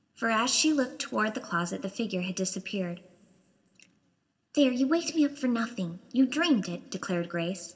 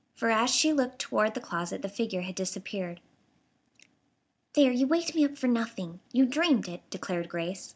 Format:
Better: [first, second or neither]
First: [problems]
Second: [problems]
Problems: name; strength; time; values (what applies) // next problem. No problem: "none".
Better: second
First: room echo; dies away in 1.3 s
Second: none